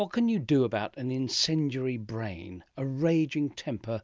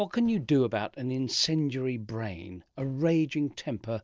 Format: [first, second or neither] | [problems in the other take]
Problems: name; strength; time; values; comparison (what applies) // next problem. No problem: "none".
first | noise reduction (neural separator model SepFormer DNS4)